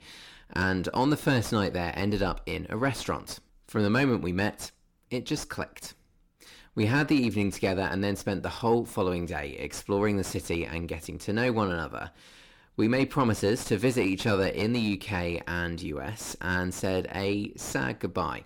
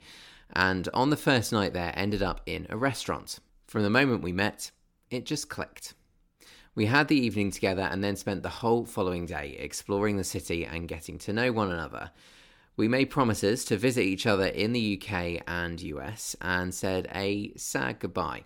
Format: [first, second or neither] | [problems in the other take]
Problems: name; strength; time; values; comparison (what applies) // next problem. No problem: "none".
second | distortion; slight; 10 dB below the speech